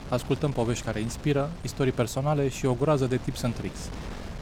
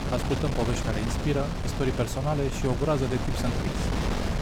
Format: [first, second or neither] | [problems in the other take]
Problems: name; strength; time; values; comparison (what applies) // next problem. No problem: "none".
first | wind noise on the microphone; heavy; 3 dB below the speech; occasional gusts in the first